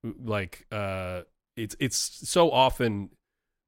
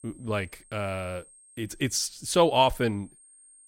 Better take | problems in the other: first | high-pitched whine; faint; throughout; 8.5 kHz, 25 dB below the speech

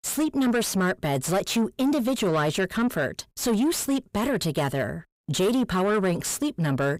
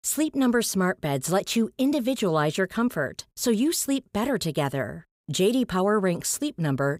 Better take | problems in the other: second | distortion; slight; 10 dB below the speech

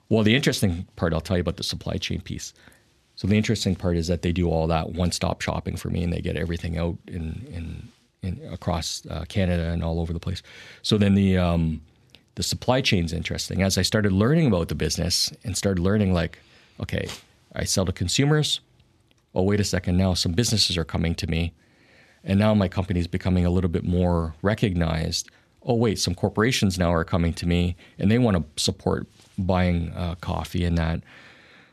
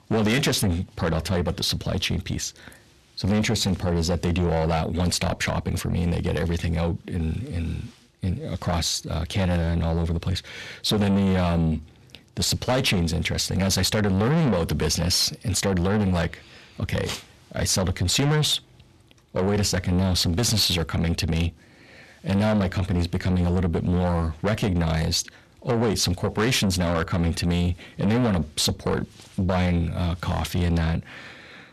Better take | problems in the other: first | distortion; heavy; 6 dB below the speech

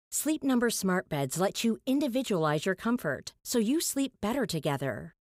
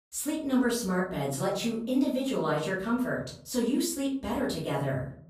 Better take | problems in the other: first | off-mic speech; far // room echo; slight; dies away in 0.5 s

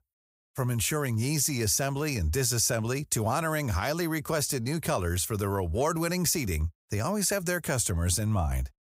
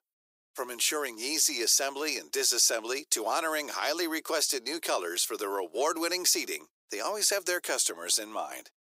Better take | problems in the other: first | thin; very; fading below 350 Hz

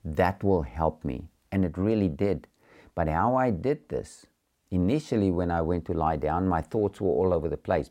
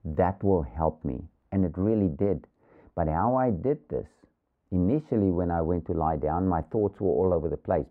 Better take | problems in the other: first | muffled; very; fading above 2.5 kHz

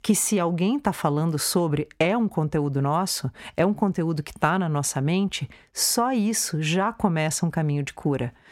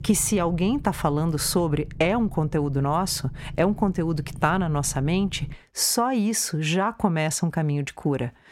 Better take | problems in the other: first | low rumble; faint; until 5.5 s; 25 dB below the speech

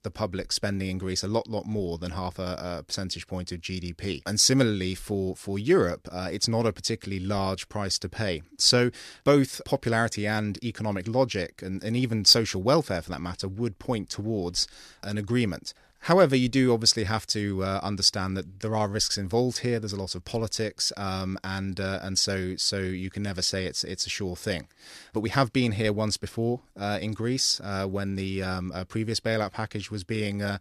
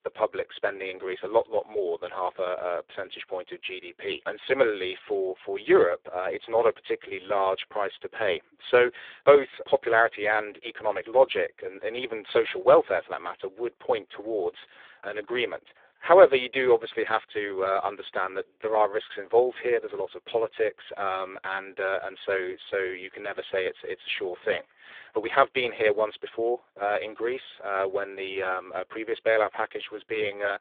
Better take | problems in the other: first | phone-call audio; poor line

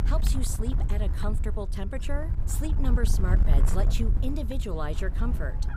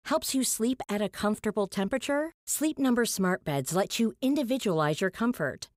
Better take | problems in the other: second | wind noise on the microphone; heavy; 7 dB below the speech

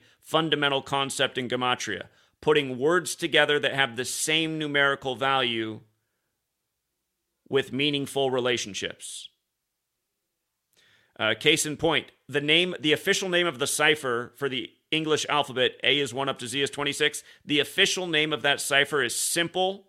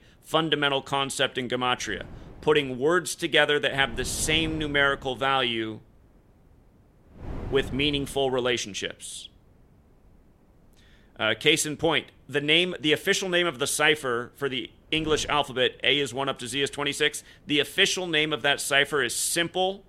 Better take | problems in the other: first | wind noise on the microphone; occasional gusts; 25 dB below the speech

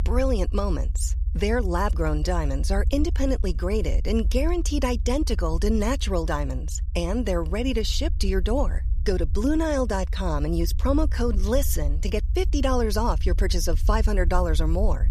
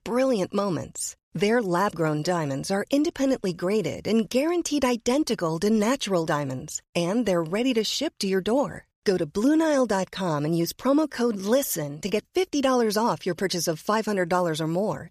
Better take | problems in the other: second | low rumble; faint; throughout; 20 dB below the speech

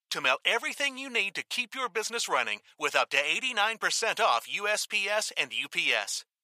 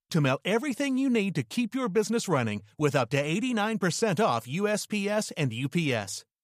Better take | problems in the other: second | thin; very; fading below 850 Hz

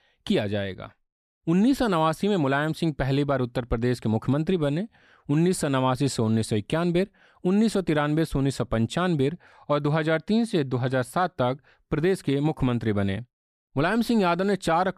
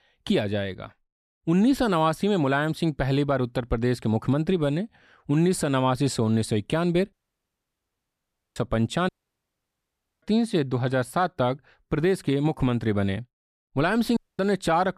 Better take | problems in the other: first | audio cutting out; at 7 s for 1.5 s, at 9 s for 1 s and at 14 s

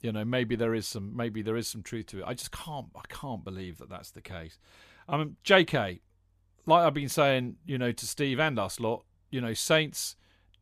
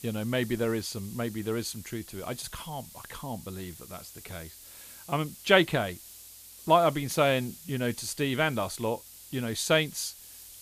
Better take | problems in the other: first | hiss; noticeable; throughout; 15 dB below the speech

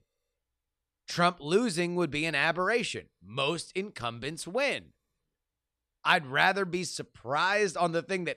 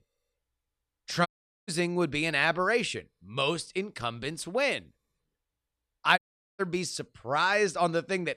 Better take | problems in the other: first | audio cutting out; at 1.5 s and at 6 s

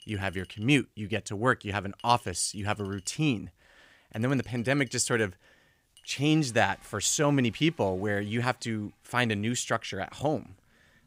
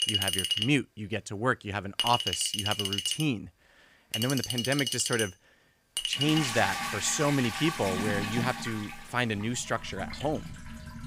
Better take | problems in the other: first | household noises; loud; throughout; 1 dB below the speech; faint in the first

